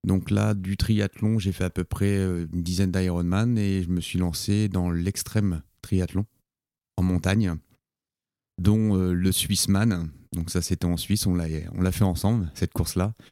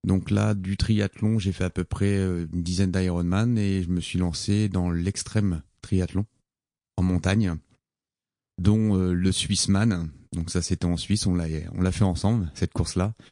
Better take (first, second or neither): first